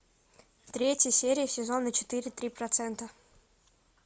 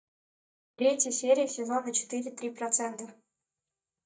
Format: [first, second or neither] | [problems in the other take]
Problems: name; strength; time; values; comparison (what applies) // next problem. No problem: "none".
first | noise reduction (neural mask model DeepFilterNet 3)